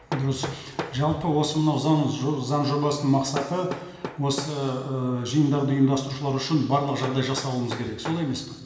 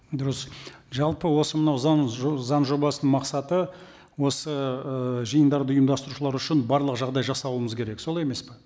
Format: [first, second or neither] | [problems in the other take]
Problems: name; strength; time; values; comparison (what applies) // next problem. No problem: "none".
second | background sound (Hammer); 14 dB below the speech // room echo; dies away in 1.4 s